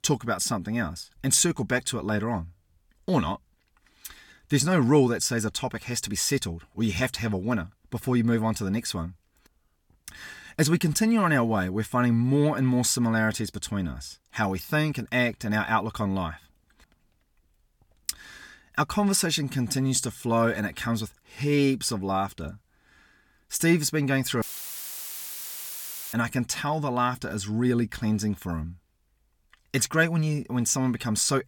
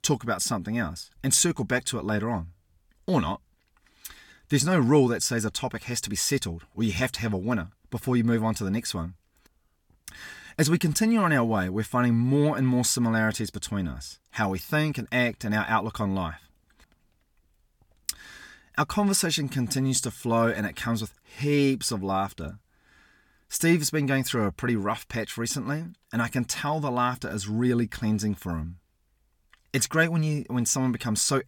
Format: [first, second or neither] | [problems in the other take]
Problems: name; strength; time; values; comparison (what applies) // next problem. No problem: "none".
second | audio cutting out; filled with static; at 24 s for 1.5 s